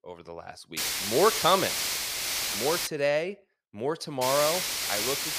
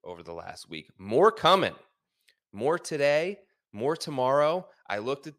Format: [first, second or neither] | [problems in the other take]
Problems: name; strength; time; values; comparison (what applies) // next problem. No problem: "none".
second | hiss; loud; from 1 to 3 s and from 4 s on; 1 dB below the speech